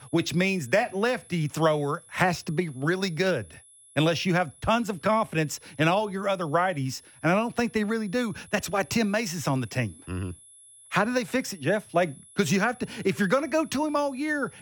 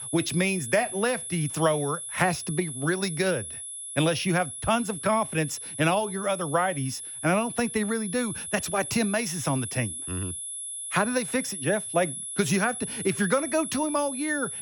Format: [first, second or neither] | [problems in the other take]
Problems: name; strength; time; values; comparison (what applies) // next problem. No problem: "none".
first | high-pitched whine; loud; throughout; 10.5 kHz, 6 dB below the speech; faint in the first